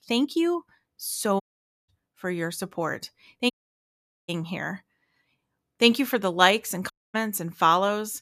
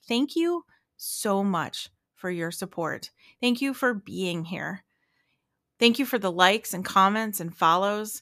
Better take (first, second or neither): second